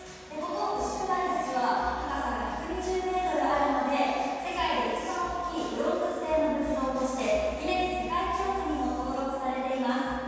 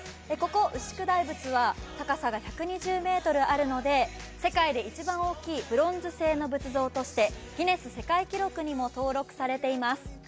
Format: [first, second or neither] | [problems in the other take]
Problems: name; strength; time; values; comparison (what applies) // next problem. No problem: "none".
second | room echo; dies away in 2.1 s